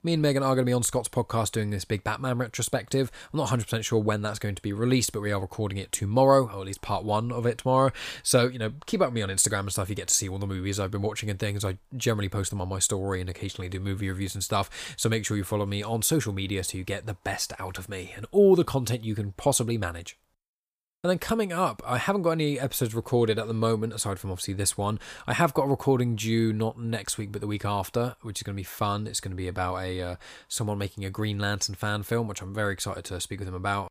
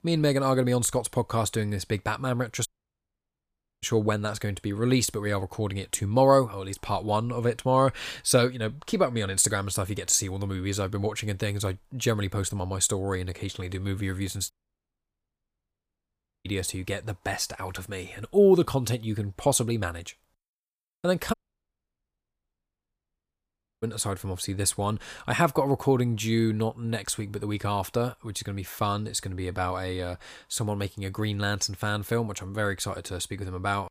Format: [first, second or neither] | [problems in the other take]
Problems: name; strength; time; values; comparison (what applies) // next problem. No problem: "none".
first | audio cutting out; at 2.5 s for 1 s, at 15 s for 2 s and at 21 s for 2.5 s